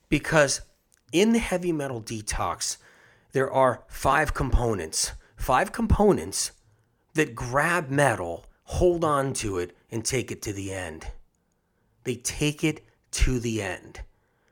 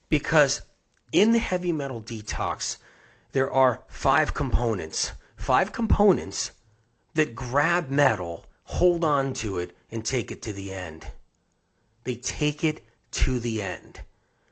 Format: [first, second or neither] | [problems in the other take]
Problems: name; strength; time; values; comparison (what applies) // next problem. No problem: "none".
first | garbled, watery; slightly; nothing above 7.5 kHz